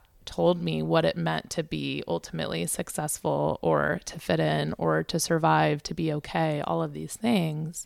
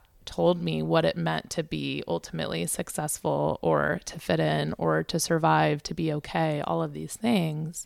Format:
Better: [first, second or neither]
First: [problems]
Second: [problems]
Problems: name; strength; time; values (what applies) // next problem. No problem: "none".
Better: neither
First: none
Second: none